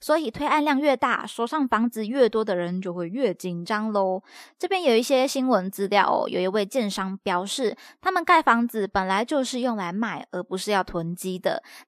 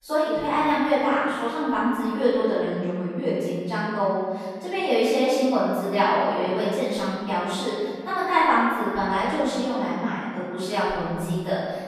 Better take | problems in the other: first | off-mic speech; far // room echo; strong; dies away in 1.7 s

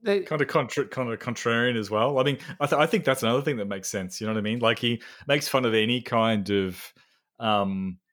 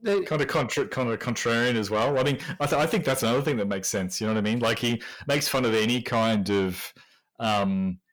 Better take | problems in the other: first | distortion; heavy; 8 dB below the speech

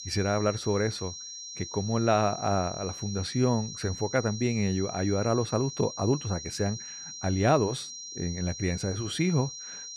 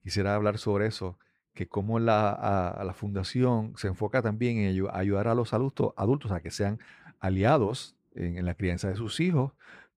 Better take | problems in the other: second | high-pitched whine; loud; throughout; 5.5 kHz, 9 dB below the speech

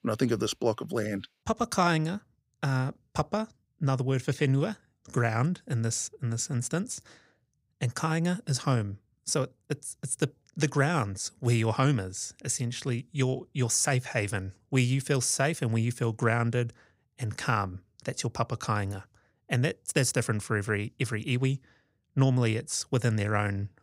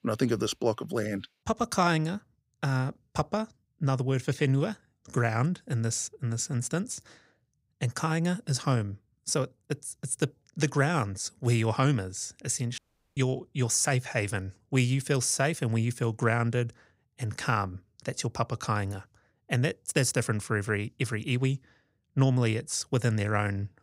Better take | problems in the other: first | audio cutting out; at 13 s

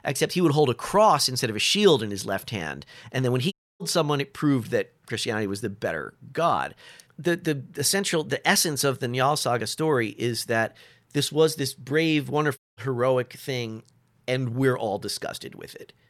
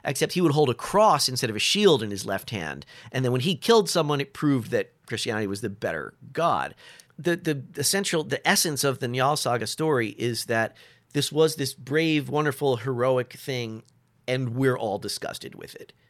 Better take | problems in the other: second | audio cutting out; at 3.5 s and at 13 s

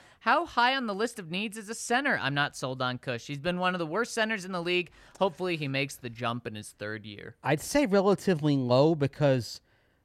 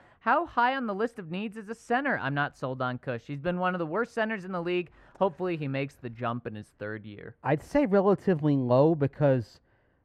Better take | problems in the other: first | muffled; very; fading above 3 kHz

